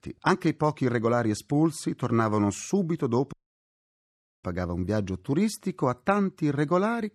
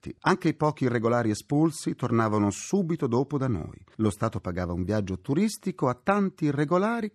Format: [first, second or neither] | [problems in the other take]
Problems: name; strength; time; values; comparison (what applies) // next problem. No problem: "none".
second | audio cutting out; at 3.5 s for 1 s